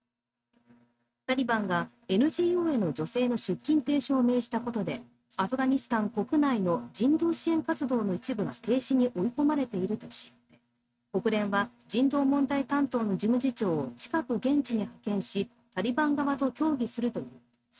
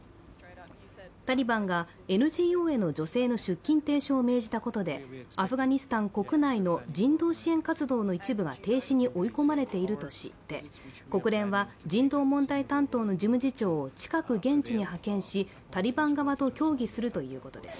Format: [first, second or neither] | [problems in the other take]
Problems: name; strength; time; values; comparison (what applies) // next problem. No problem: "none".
second | noise reduction (neural mask model RNNoise)